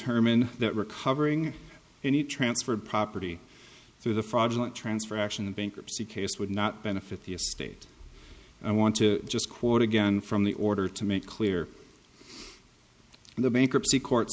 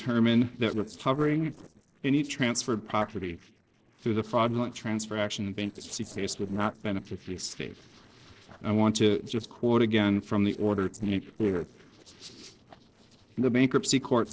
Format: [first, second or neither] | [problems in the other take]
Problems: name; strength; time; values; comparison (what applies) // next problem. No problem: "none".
first | noise reduction (neural separator model SepFormer DNS4)